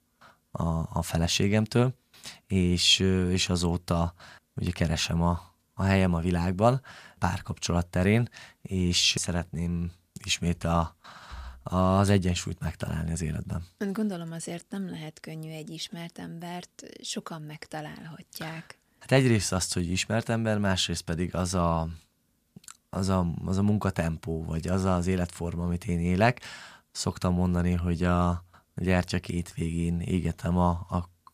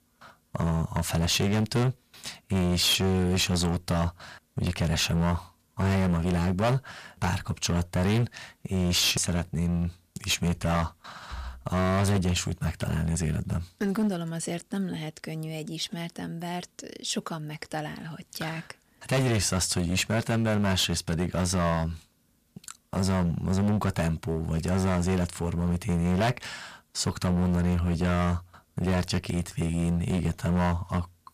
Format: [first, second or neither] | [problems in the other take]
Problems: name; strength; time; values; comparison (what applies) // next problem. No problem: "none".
first | distortion; heavy; 13% of the sound clipped